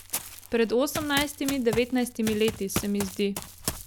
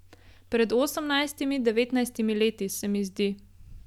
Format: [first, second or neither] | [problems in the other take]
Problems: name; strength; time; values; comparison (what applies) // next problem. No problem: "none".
second | background sound (Run); 9 dB below the speech